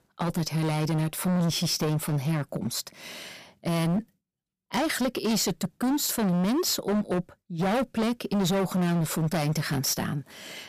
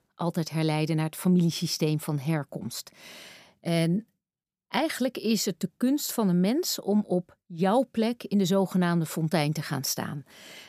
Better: second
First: distortion; heavy; 22% of the sound clipped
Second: none

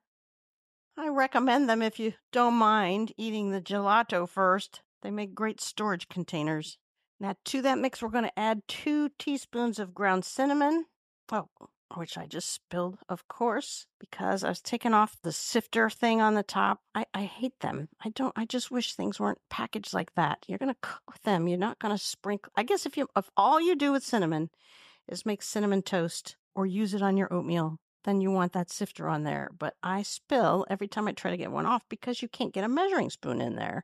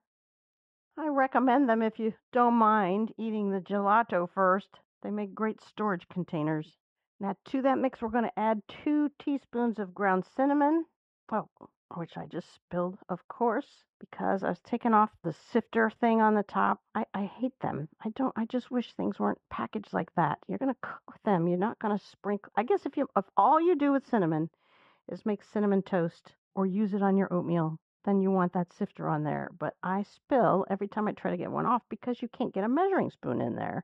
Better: first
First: none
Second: muffled; very; fading above 1.5 kHz

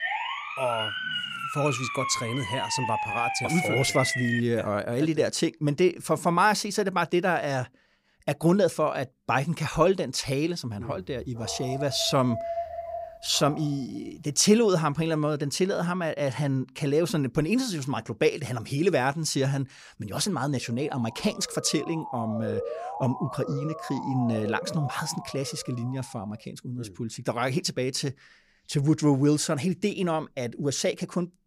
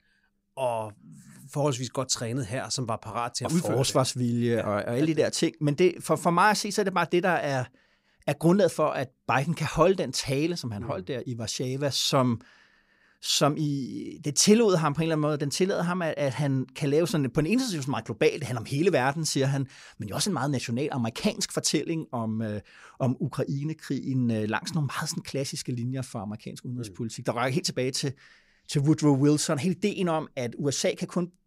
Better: second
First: siren; noticeable; until 4.5 s and from 21 to 26 s; peak 1 dB below the speech // dog barking; noticeable; from 11 to 14 s; peak 5 dB below the speech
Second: none

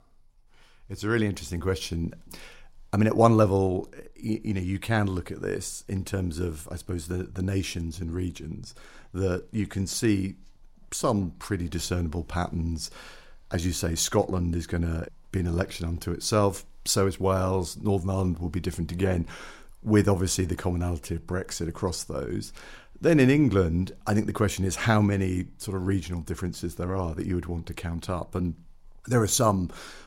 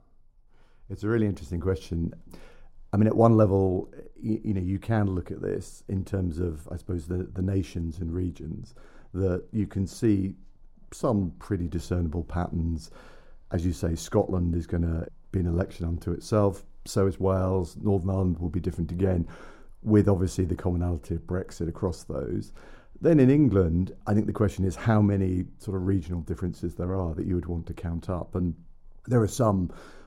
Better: first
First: none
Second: muffled; slightly; fading above 1 kHz

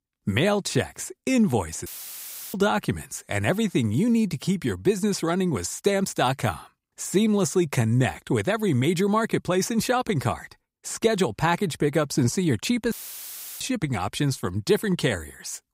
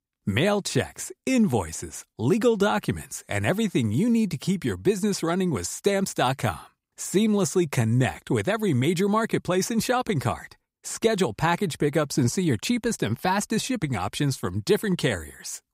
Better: second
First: audio cutting out; filled with static; at 2 s for 0.5 s and at 13 s for 0.5 s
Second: none

